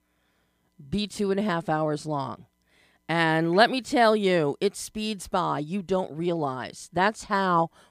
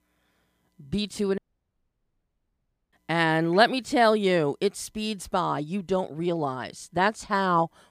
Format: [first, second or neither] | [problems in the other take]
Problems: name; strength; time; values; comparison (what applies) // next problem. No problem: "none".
first | audio cutting out; at 1.5 s for 1.5 s